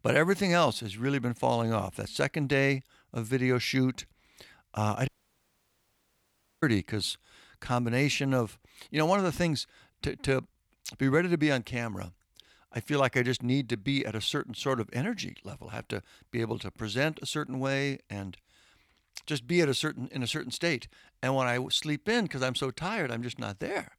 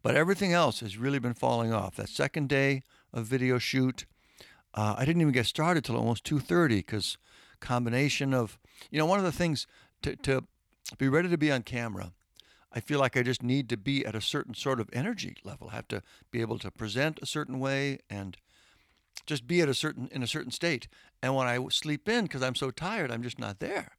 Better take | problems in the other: second | audio cutting out; at 5 s for 1.5 s

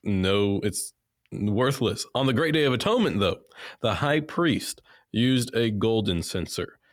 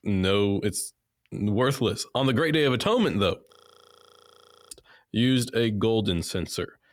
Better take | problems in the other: first | audio freezing; at 3.5 s for 1 s

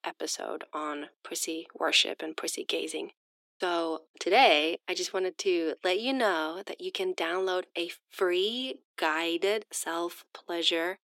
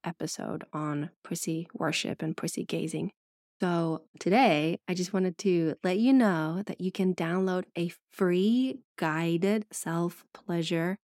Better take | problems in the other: second | thin; very; fading below 350 Hz

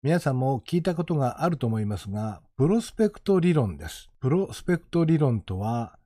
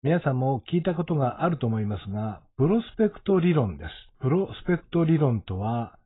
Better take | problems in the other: first | garbled, watery; badly; nothing above 4 kHz

